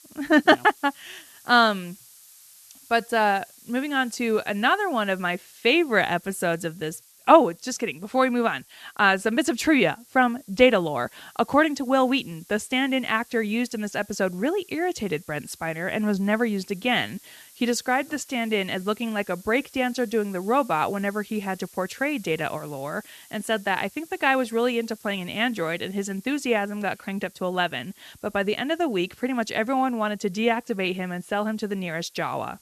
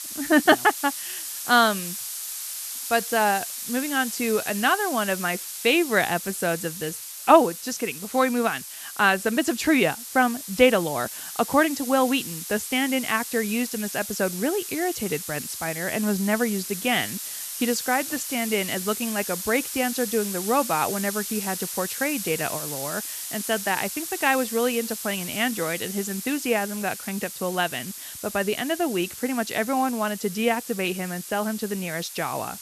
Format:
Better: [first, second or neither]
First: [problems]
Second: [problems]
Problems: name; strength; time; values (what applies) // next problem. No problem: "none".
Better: first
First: hiss; faint; throughout; 25 dB below the speech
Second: hiss; loud; throughout; 7 dB below the speech